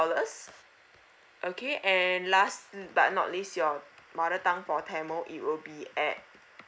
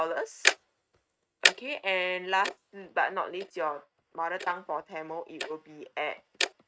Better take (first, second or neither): first